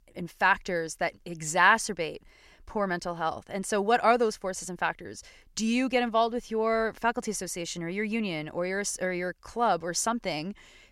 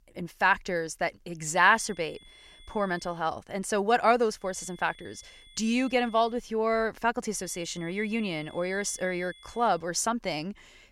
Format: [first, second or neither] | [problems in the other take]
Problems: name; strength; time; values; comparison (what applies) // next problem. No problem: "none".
first | high-pitched whine; faint; from 1.5 to 3 s, from 4.5 to 6.5 s and from 7.5 to 9.5 s; 3.5 kHz, 25 dB below the speech